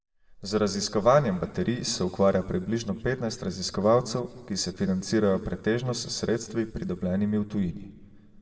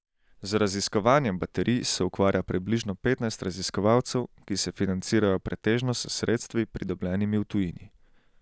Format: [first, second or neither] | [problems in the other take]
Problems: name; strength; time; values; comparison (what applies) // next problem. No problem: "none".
second | room echo; dies away in 1.3 s